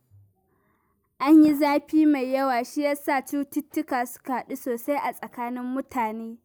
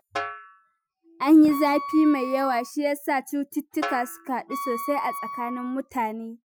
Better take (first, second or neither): first